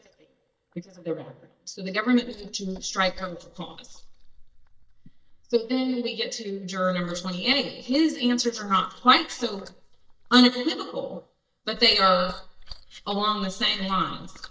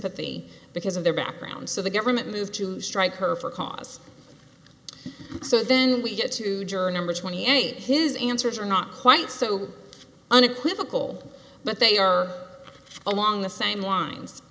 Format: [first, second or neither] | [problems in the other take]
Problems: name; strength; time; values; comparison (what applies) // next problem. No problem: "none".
second | noise reduction (neural mask model DeepFilterNet 3)